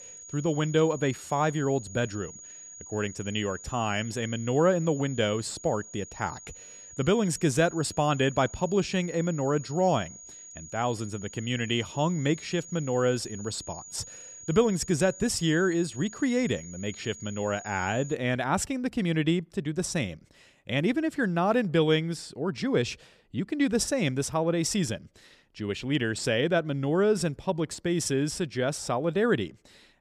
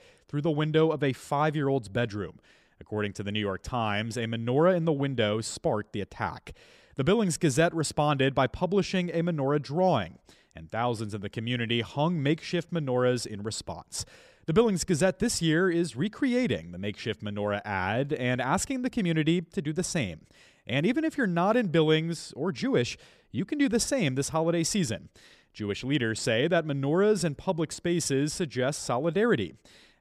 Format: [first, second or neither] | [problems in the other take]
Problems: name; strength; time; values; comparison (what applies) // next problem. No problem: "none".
second | high-pitched whine; noticeable; until 18 s; 6.5 kHz, 15 dB below the speech